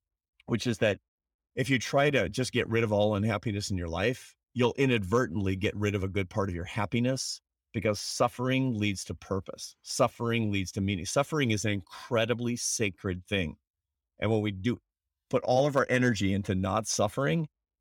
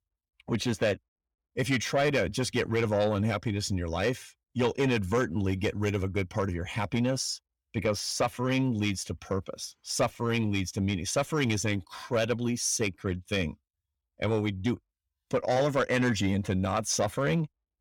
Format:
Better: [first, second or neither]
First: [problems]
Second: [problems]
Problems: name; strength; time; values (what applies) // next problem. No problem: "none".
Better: first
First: none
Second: distortion; slight; 10 dB below the speech